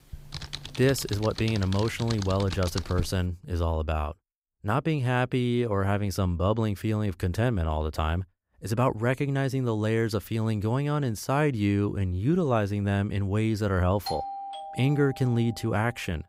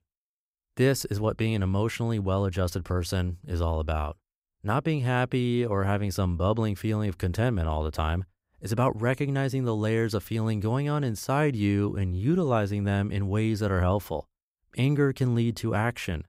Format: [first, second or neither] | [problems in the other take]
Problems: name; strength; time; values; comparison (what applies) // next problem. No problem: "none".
second | keyboard typing; noticeable; until 3 s; peak 8 dB below the speech // doorbell; noticeable; from 14 to 16 s; peak 6 dB below the speech